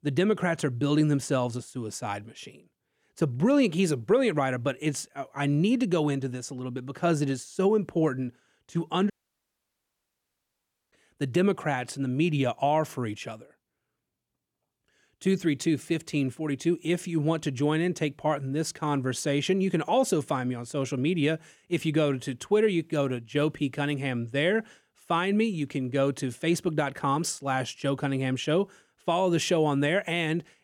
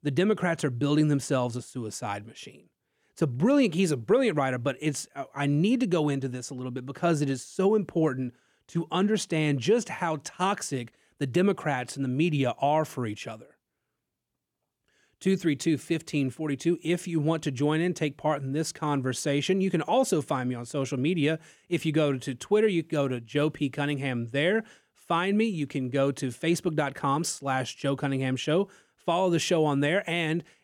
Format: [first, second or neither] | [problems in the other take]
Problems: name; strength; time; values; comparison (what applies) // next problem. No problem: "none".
second | audio cutting out; at 9 s for 2 s